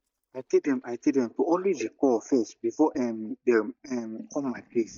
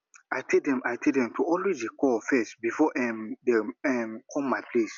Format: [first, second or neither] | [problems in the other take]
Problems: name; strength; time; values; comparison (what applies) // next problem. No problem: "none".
second | noise reduction (neural mask model DeepFilterNet 3)